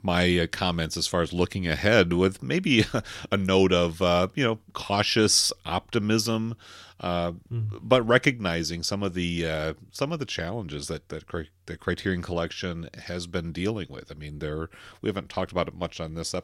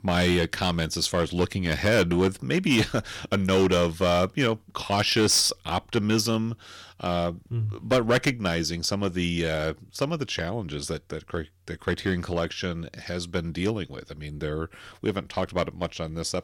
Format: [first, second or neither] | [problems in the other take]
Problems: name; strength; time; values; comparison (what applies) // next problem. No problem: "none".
first | distortion; slight; 3% of the sound clipped